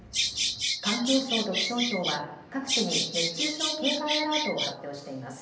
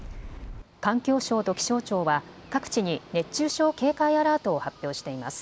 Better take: second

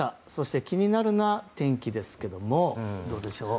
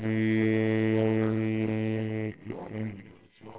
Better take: first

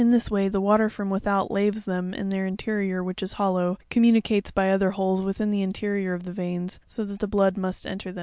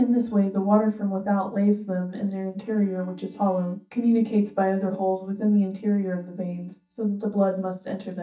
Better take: first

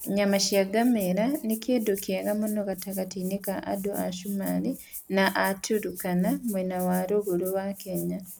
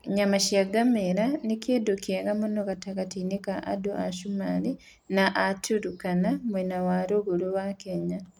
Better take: second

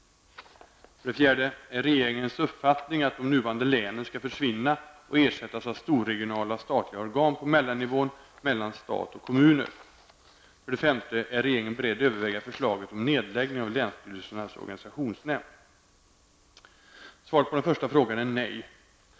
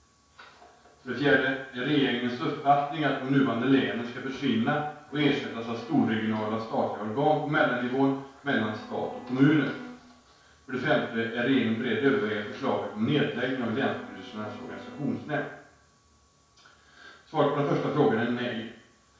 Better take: first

